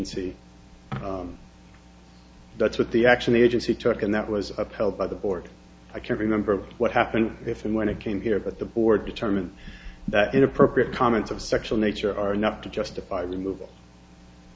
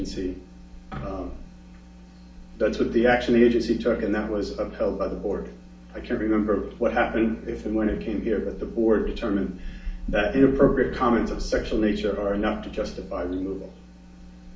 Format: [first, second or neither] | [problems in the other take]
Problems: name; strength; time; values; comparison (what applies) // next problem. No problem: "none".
first | room echo; dies away in 0.4 s